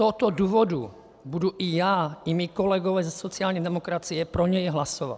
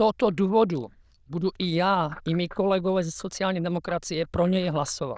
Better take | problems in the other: first | noise reduction (neural diffusion model UNIVERSE++)

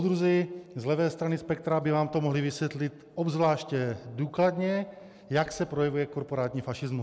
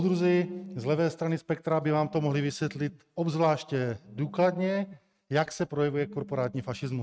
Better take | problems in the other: first | noise reduction (neural mask model RNNoise)

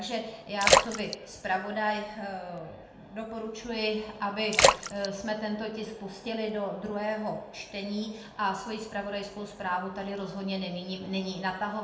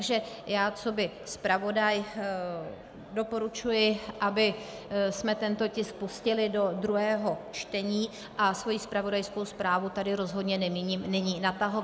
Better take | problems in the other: second | background sound (Splash, splatter); 5 dB above the speech // room echo; dies away in 0.6 s

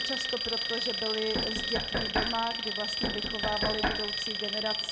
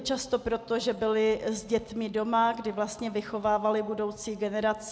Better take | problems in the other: second | background sound (Knock + Alarm); 4 dB above the speech

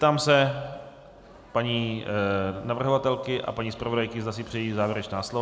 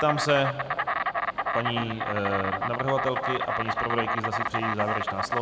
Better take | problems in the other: first | background sound (Insect); as loud as the speech

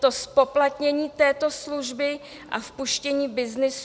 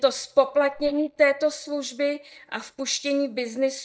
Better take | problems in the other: first | noise reduction (neural mask model DeepFilterNet 3)

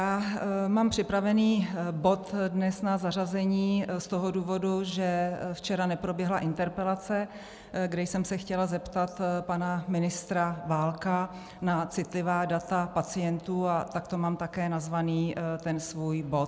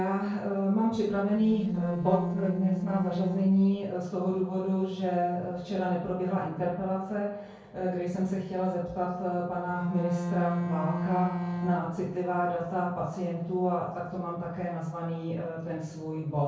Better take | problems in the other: first | noise reduction (neural separator model SepFormer DNS4)

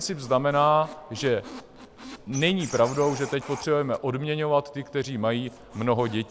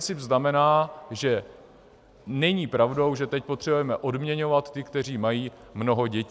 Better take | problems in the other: second | background sound (Squeak); 18 dB below the speech

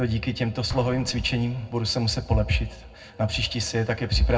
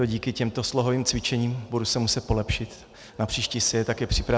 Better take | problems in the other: second | background sound (Explosion); 18 dB below the speech // room echo; dies away in 0.3 s

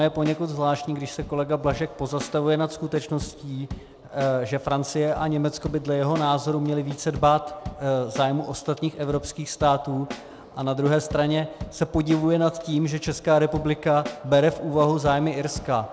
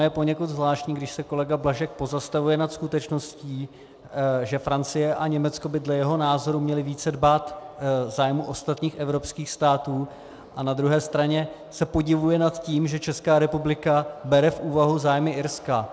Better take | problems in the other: second | background sound (Drum / Drum kit); 17 dB below the speech

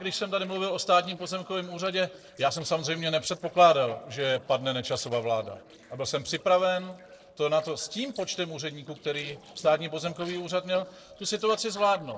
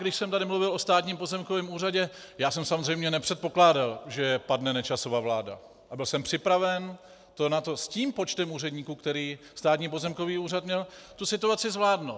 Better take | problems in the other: second | noise reduction (neural separator model SepFormer DNS4)

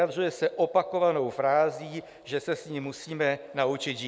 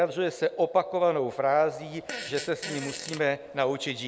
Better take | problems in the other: first | background sound (Fart); 13 dB below the speech

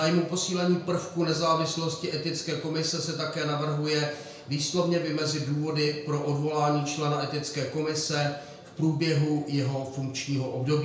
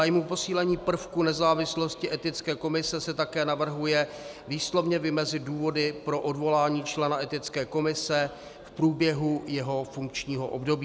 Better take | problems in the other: second | room echo; dies away in 0.5 s

